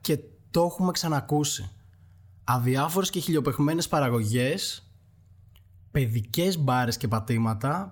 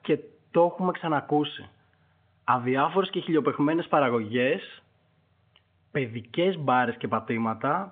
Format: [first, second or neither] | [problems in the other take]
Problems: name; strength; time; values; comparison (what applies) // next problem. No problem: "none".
first | phone-call audio